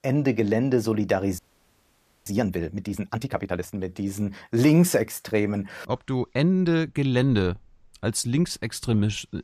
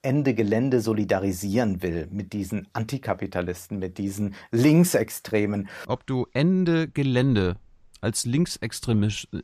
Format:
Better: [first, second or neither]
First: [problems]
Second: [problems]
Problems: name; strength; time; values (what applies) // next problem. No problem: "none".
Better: second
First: audio freezing; at 1.5 s for 1 s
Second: none